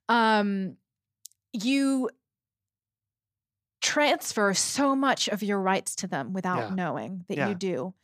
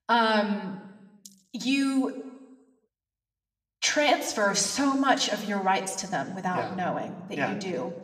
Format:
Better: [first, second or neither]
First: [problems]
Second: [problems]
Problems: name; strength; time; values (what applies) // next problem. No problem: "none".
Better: first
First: none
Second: room echo; slight; dies away in 0.9 s // off-mic speech; somewhat distant